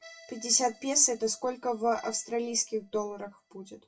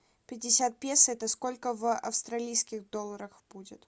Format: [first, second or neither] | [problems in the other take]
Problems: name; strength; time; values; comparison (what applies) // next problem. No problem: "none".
second | noise reduction (classical method WPE with log-MMSE)